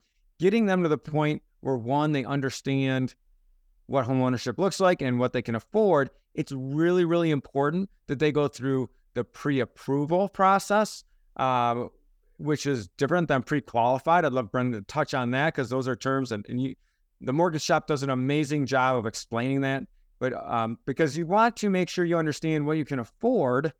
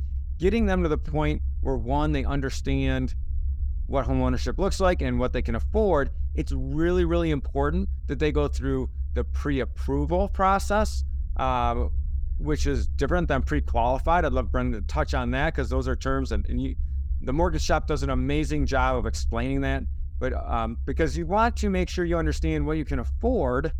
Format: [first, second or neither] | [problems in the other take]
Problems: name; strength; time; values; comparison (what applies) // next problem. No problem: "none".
first | low rumble; faint; throughout; 25 dB below the speech